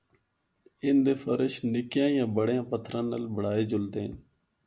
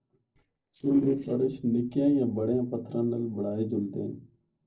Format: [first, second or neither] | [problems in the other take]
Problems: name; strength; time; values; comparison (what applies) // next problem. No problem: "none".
first | noise reduction (neural separator model SepFormer DNS4)